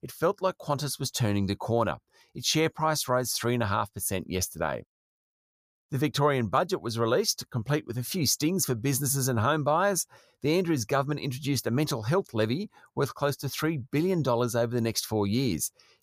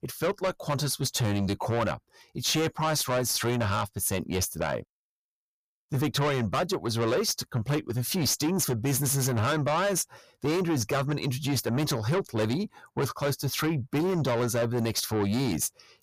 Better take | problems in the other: first | distortion; heavy; 8 dB below the speech

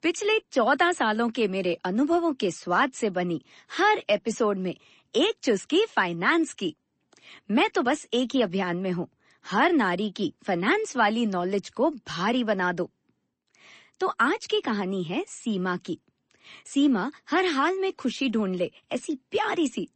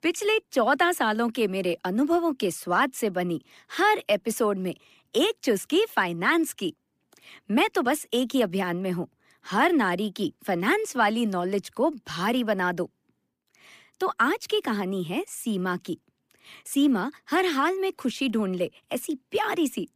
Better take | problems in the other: second | garbled, watery; slightly; nothing above 8 kHz

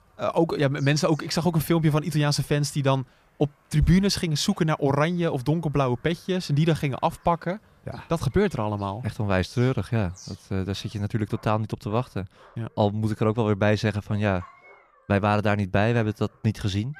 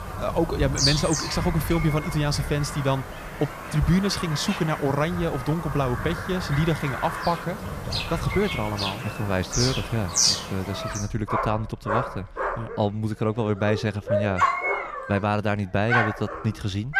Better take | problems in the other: first | animal sounds; loud; throughout; 2 dB below the speech; faint in the first

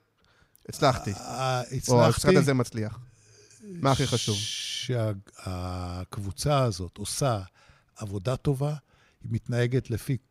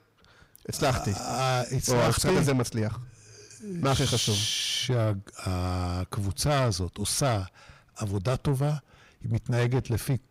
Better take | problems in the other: first | distortion; heavy; 6 dB below the speech

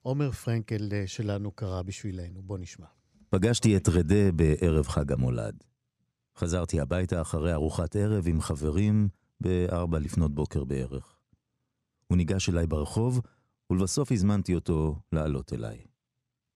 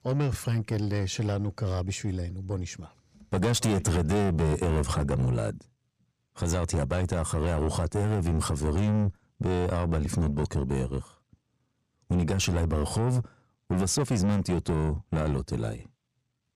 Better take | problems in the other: first | distortion; heavy; 7 dB below the speech

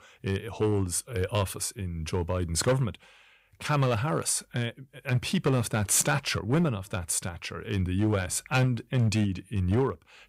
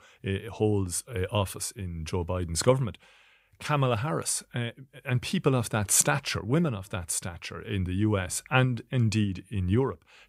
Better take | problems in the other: second | distortion; slight; 4% of the sound clipped

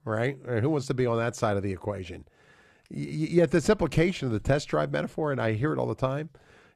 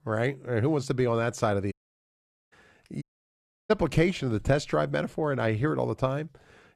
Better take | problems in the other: first | audio cutting out; at 1.5 s for 1 s and at 3 s for 0.5 s

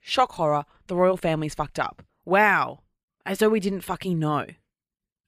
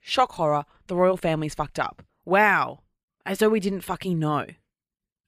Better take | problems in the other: neither | none

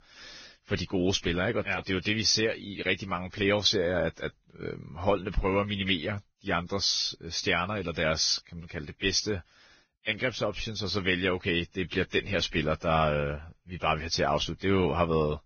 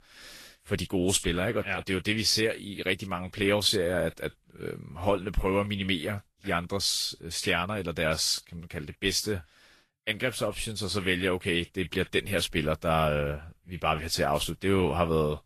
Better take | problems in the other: second | garbled, watery; badly; nothing above 6.5 kHz; slightly in the second

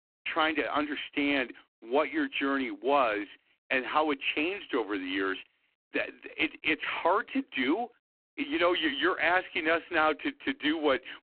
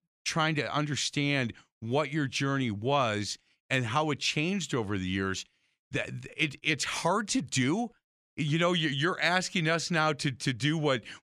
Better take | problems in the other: second | phone-call audio; poor line

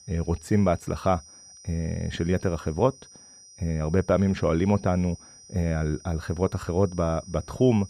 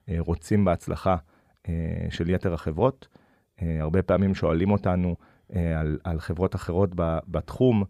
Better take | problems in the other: second | high-pitched whine; faint; throughout; 5.5 kHz, 20 dB below the speech

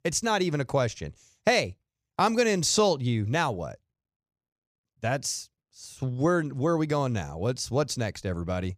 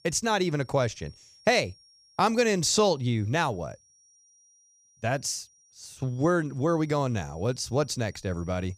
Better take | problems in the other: first | high-pitched whine; faint; throughout; 5.5 kHz, 30 dB below the speech

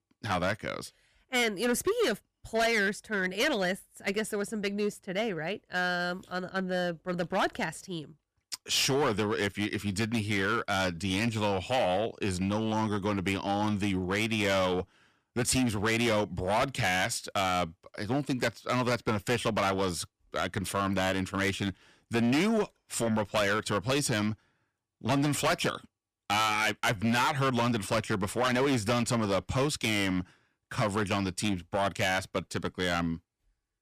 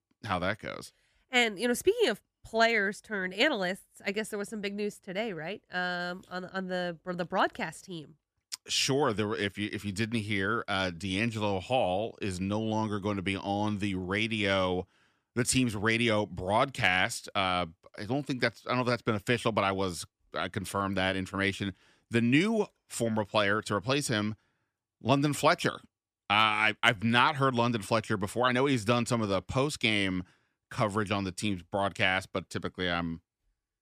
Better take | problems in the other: second | distortion; heavy; 10% of the sound clipped

